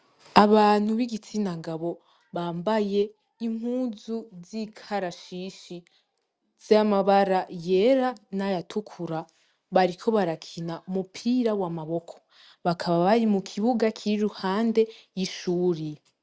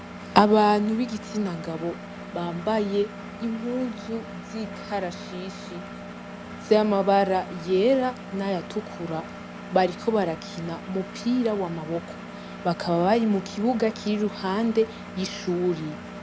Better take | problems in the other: first | background sound (Engine); 12 dB below the speech

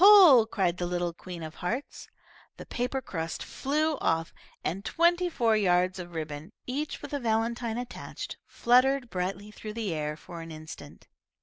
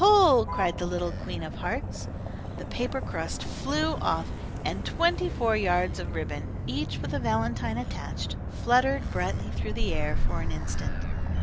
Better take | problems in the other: first | background sound (Motor vehicle (road)); 1 dB below the speech

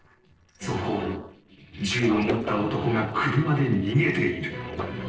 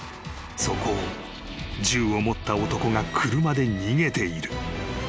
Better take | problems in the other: second | noise reduction (neural separator model SepFormer DNS4)

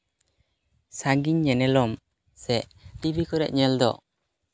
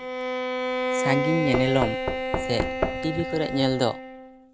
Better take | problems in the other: first | background sound (Bowed string instrument + Knock); as loud as the speech

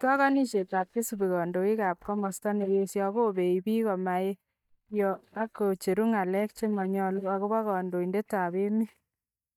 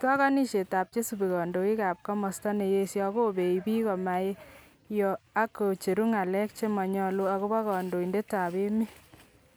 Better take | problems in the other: second | noise reduction (neural mask model DeepFilterNet 3)

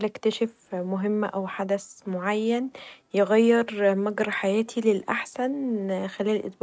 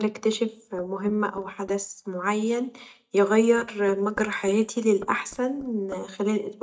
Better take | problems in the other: first | noise reduction (neural mask model DeepFilterNet 3)

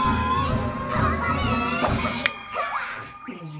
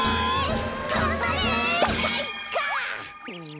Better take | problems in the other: second | background sound (Finger snapping); 4 dB below the speech // room echo; dies away in 0.3 s

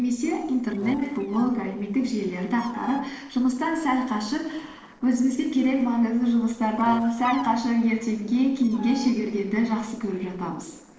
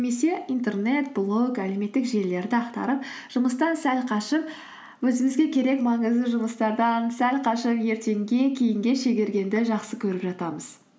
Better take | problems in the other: second | noise reduction (neural separator model SepFormer DNS4)

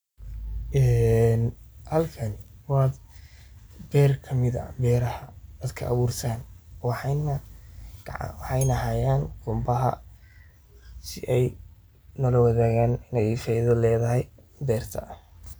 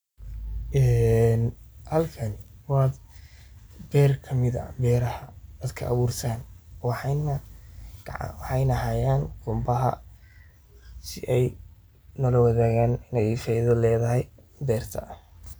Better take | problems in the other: second | background sound (Bell); 20 dB below the speech

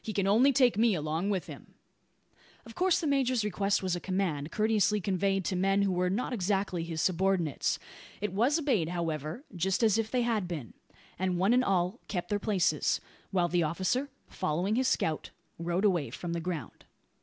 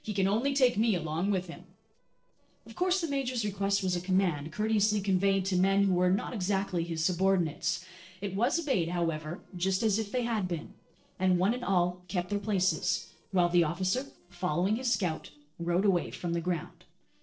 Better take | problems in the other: first | noise reduction (neural separator model SepFormer DNS4)

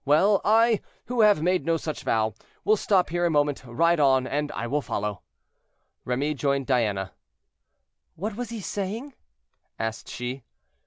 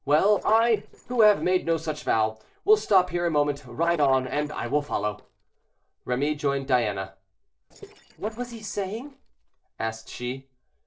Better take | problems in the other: first | noise reduction (neural separator model SepFormer DNS4)

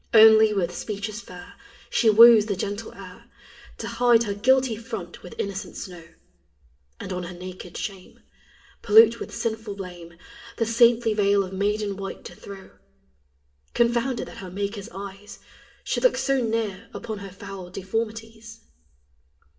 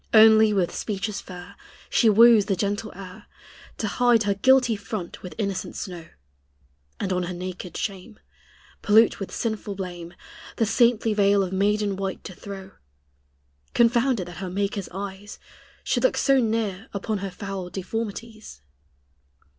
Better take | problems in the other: second | room echo; dies away in 0.5 s

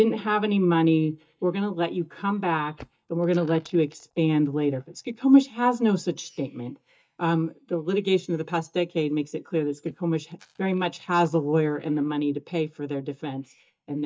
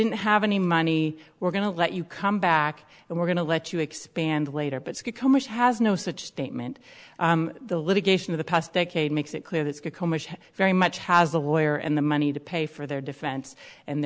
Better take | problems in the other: second | noise reduction (neural mask model DeepFilterNet 3)

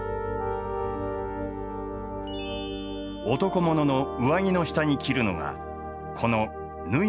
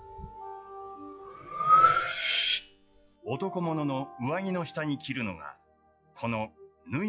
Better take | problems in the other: first | noise reduction (classical method log-MMSE)

